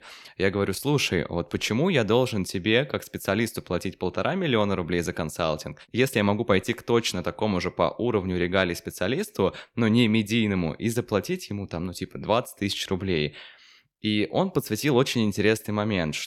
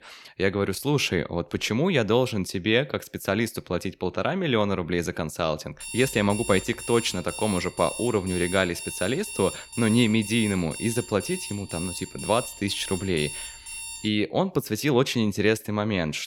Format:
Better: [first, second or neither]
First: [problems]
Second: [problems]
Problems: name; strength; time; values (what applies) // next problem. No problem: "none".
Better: first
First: none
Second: alarm; noticeable; from 6 to 14 s; peak 8 dB below the speech